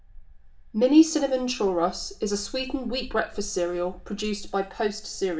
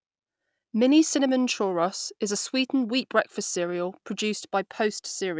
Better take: second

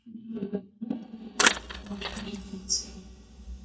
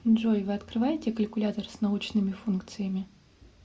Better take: second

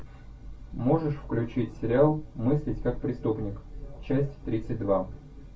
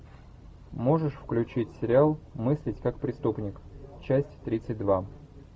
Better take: second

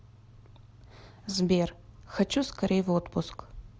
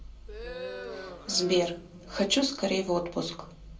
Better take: first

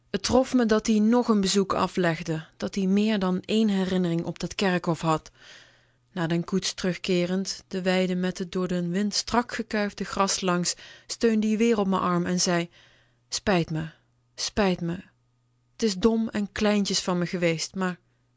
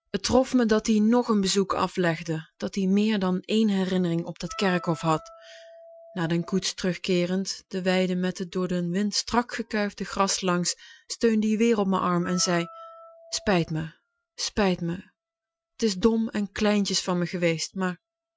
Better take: first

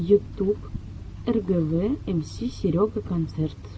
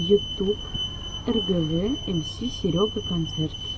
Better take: first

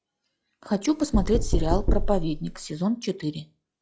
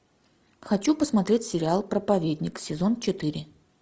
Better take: second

